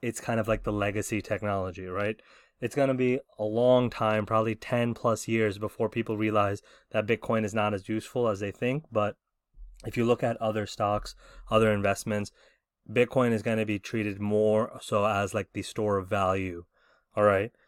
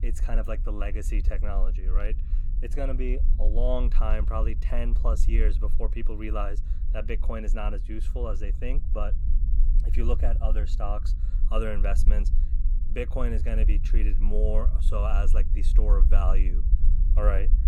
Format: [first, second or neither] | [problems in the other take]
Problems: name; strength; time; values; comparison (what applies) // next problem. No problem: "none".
first | low rumble; noticeable; throughout; 15 dB below the speech